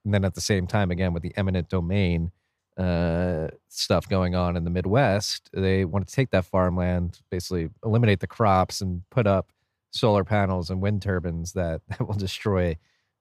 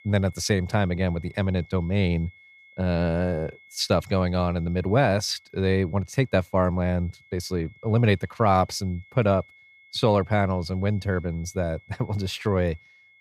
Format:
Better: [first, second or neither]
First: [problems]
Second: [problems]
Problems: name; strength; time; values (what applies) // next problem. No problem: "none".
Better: first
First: none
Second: high-pitched whine; faint; throughout; 2 kHz, 25 dB below the speech